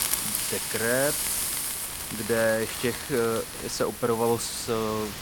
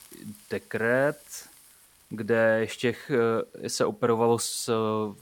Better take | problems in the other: second | hiss; loud; throughout; 2 dB below the speech; faint in the second

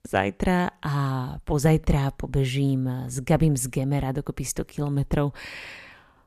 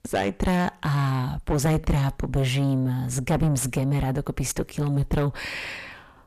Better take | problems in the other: first | distortion; heavy; 5 dB below the speech

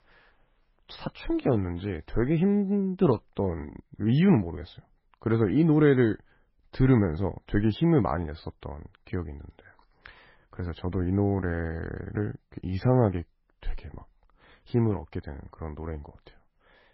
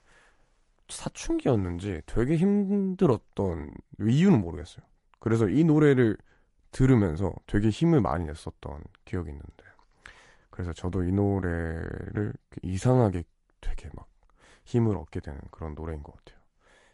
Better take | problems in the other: second | garbled, watery; badly; nothing above 5.5 kHz; slightly in the second

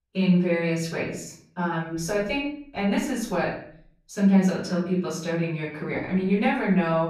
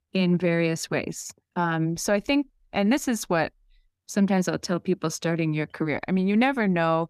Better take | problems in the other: second | off-mic speech; far // room echo; noticeable; dies away in 0.5 s

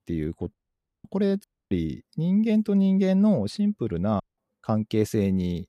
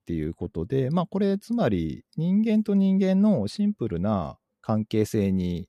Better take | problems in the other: second | audio cutting out; at 0.5 s for 0.5 s, at 1.5 s and at 4 s

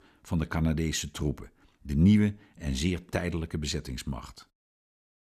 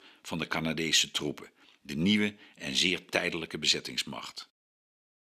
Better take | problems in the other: first | thin; somewhat; fading below 300 Hz

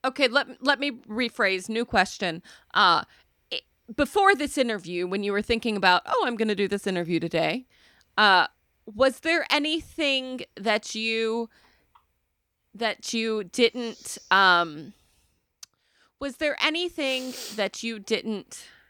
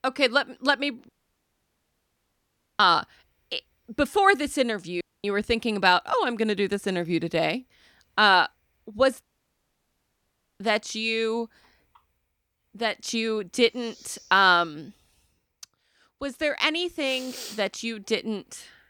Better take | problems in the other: first | audio cutting out; at 1 s for 1.5 s, at 5 s and at 9 s for 1.5 s

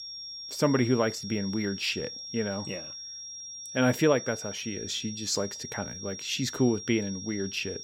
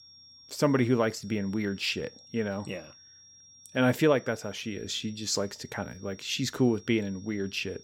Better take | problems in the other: second | high-pitched whine; loud; throughout; 5.5 kHz, 9 dB below the speech; faint in the second

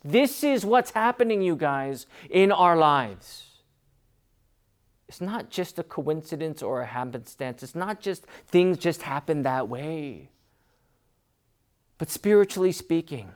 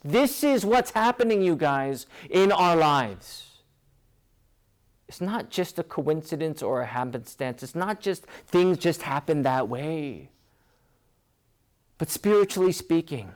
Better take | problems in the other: first | distortion; slight; 4% of the sound clipped

